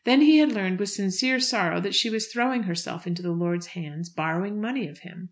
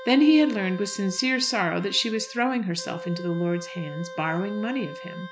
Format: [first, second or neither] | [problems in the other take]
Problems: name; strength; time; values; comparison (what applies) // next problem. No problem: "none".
first | background sound (Wind instrument, woodwind instrument); 15 dB below the speech